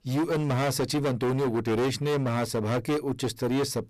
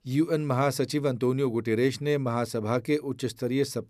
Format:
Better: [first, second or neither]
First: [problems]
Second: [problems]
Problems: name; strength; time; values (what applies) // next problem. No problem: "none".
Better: second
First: distortion; heavy; 25% of the sound clipped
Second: none